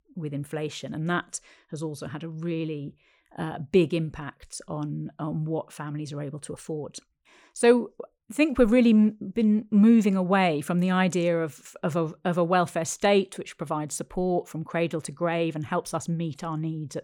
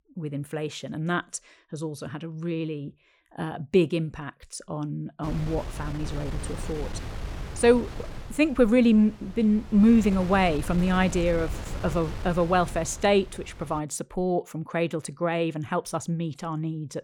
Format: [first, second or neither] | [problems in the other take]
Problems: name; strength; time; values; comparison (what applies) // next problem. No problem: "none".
first | wind noise on the microphone; occasional gusts; from 5 to 14 s; 15 dB below the speech